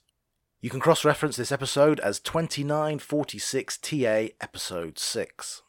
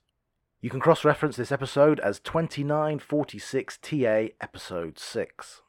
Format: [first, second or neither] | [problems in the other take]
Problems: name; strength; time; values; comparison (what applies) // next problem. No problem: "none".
first | muffled; slightly; fading above 3.5 kHz